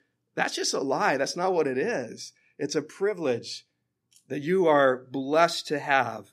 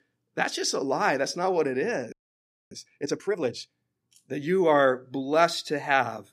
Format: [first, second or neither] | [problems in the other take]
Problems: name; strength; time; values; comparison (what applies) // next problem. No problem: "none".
first | audio freezing; at 2 s for 0.5 s